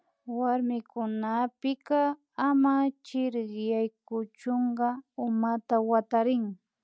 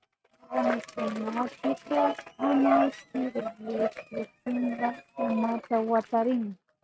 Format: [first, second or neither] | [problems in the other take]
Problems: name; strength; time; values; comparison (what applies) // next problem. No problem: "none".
first | noise reduction (neural mask model RNNoise)